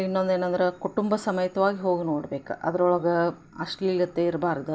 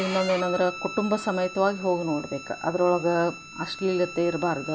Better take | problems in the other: first | background sound (Bowed string instrument); 12 dB below the speech

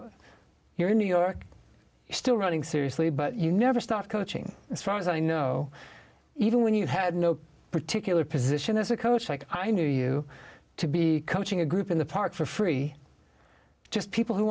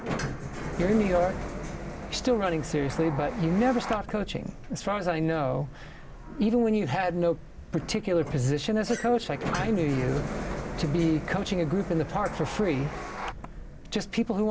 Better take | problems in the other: first | background sound (Sliding door); 8 dB below the speech

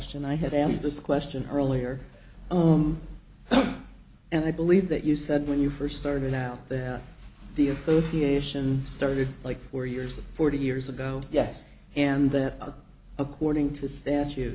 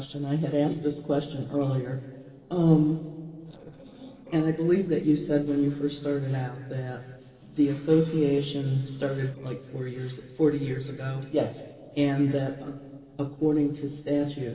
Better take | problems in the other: first | noise reduction (neural separator model SepFormer DNS4)

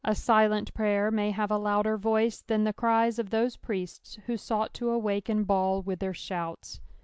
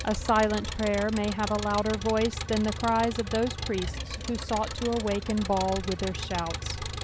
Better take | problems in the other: first | background sound (Engine); 7 dB below the speech

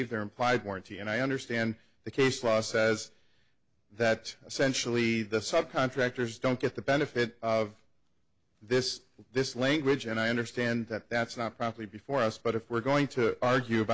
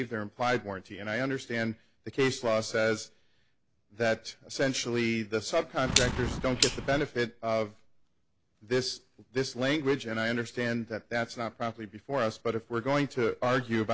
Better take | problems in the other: first | background sound (Clock); 2 dB below the speech

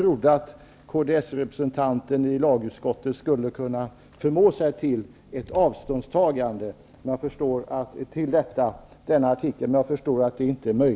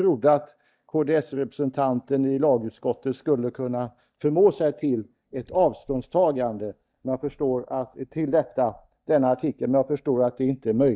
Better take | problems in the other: first | noise reduction (neural mask model DeepFilterNet 3)

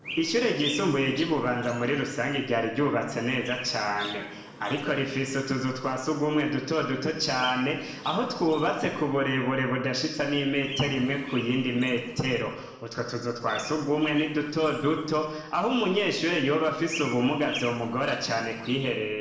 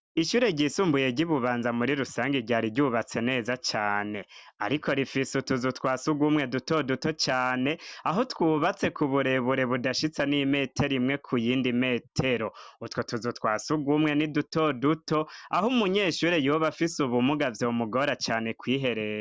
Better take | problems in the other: second | background sound (Chirp, tweet); 15 dB below the speech // room echo; dies away in 0.9 s

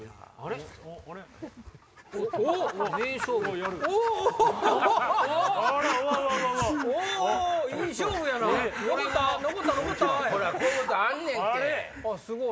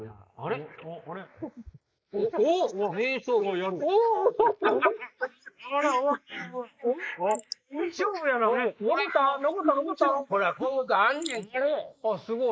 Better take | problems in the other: first | noise reduction (neural mask model Resemble Enhance denoiser)

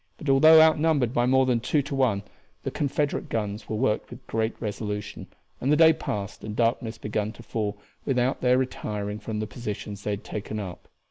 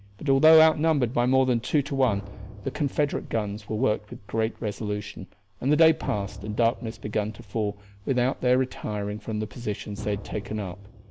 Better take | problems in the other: first | background sound (Drum); 17 dB below the speech

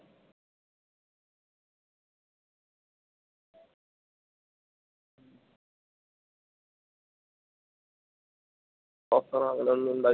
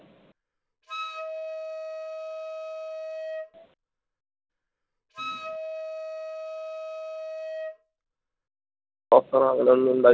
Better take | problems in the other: first | background sound (Wind instrument, woodwind instrument); 9 dB below the speech

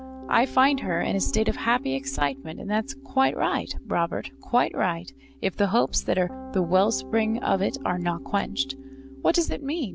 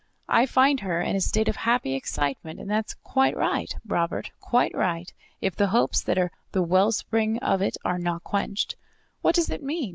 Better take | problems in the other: second | background sound (Piano); 14 dB below the speech

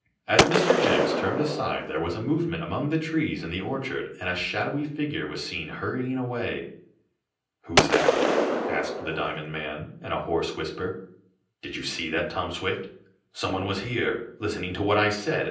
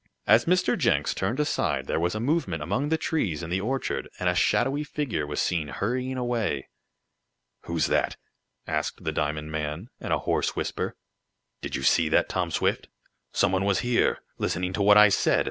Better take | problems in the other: second | background sound (Gunshot, gunfire); 5 dB above the speech // room echo; dies away in 0.6 s

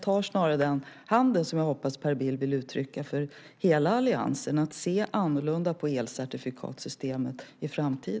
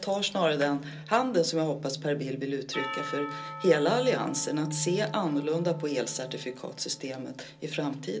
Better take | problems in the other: first | background sound (Percussion); 15 dB below the speech // room echo; dies away in 0.2 s

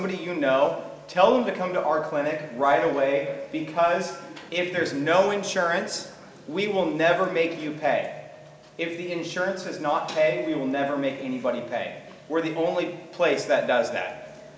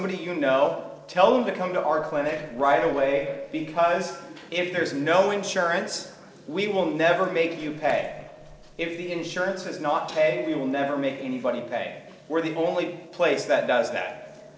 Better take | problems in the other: first | noise reduction (neural separator model SepFormer DNS4)

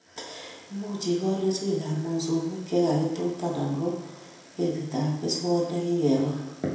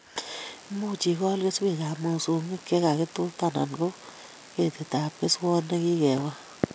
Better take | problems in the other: second | room echo; dies away in 0.8 s

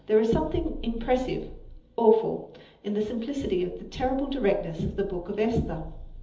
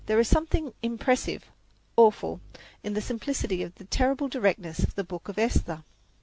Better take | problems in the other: second | room echo; dies away in 1.2 s

